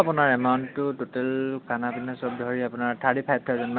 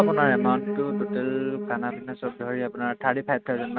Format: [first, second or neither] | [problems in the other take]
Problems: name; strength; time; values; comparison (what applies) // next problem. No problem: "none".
first | noise reduction (neural mask model RNNoise)